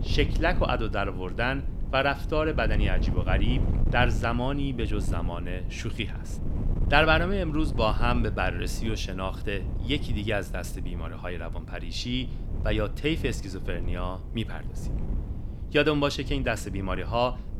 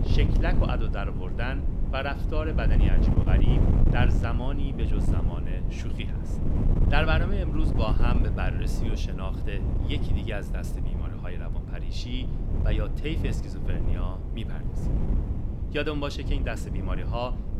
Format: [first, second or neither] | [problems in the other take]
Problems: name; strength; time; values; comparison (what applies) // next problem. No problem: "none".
first | wind noise on the microphone; heavy; 5 dB below the speech; occasional gusts in the first